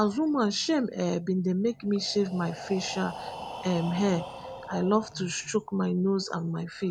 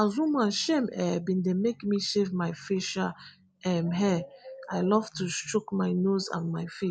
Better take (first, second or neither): second